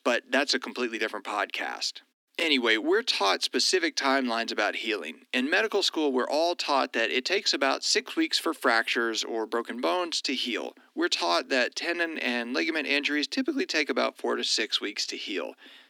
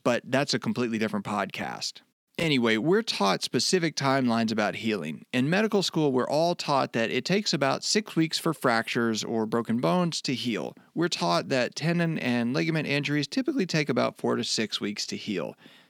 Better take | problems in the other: second | thin; very slightly; fading below 250 Hz

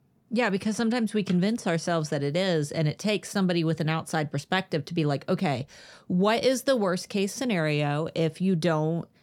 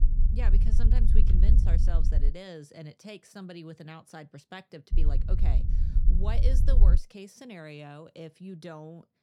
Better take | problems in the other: first | low rumble; loud; until 2.5 s and from 5 to 7 s; 3 dB below the speech

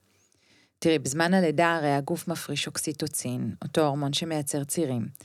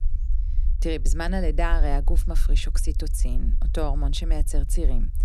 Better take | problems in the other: first | low rumble; noticeable; throughout; 15 dB below the speech

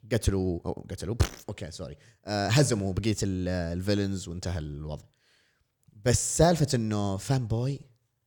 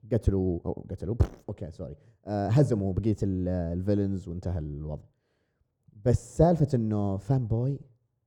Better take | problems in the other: first | muffled; very; fading above 1.5 kHz

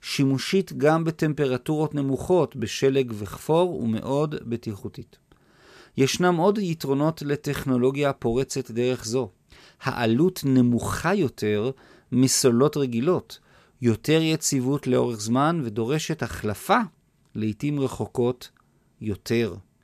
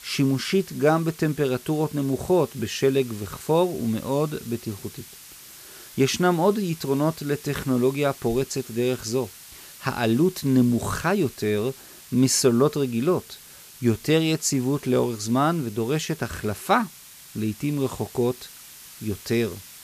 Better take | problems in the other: first | hiss; noticeable; throughout; 20 dB below the speech

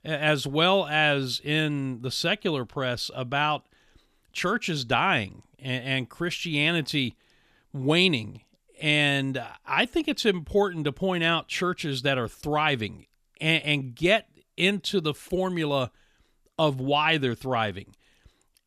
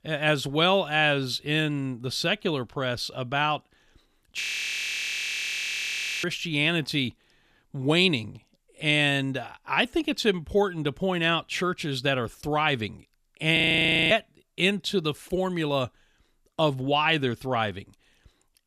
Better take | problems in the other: first | audio freezing; at 4.5 s for 2 s and at 14 s for 0.5 s

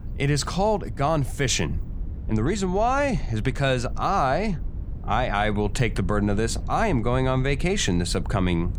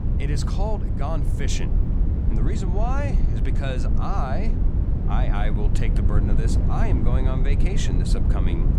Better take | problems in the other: first | low rumble; loud; throughout; 4 dB below the speech; faint in the first

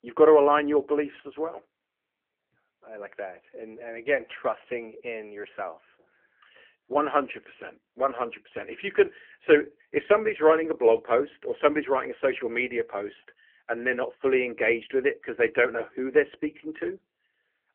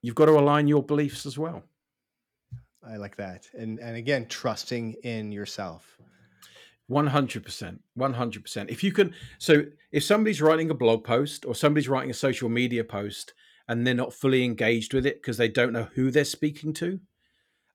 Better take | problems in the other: second | phone-call audio; poor line

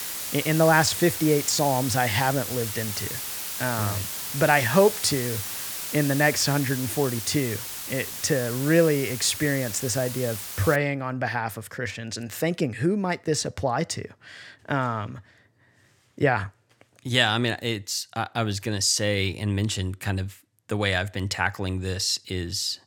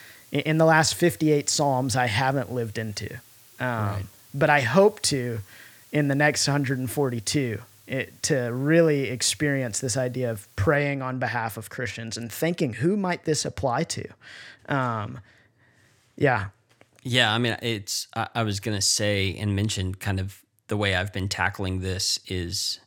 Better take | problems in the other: second | hiss; loud; until 11 s; 6 dB below the speech; faint in the second

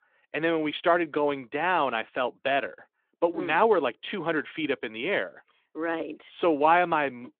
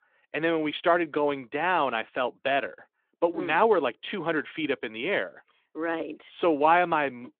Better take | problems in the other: neither | phone-call audio; nothing above 3.5 kHz; the same in both

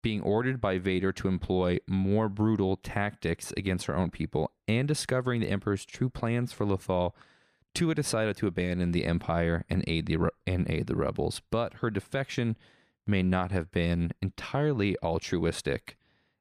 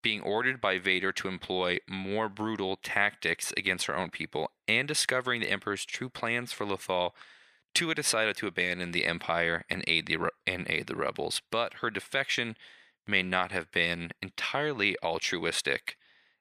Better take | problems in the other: first | thin; somewhat; fading below 1 kHz

